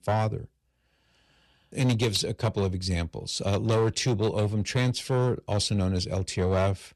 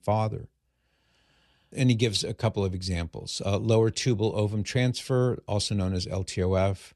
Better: second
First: distortion; slight; 7% of the sound clipped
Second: none

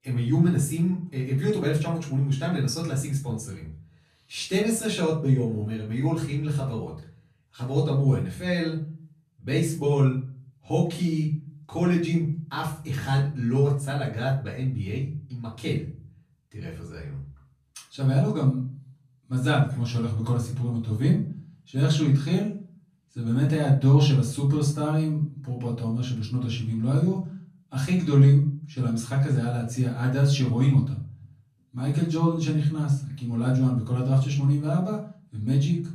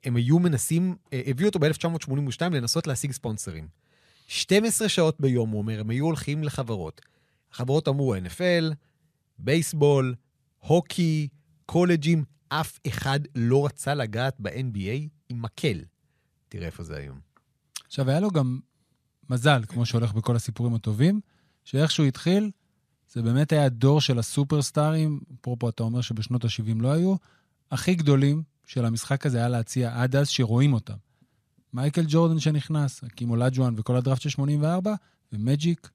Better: second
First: room echo; slight; dies away in 0.4 s // off-mic speech; far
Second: none

